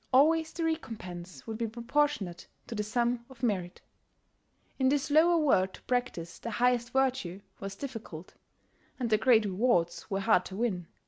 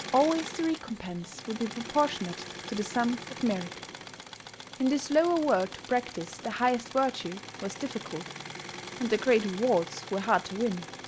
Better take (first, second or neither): first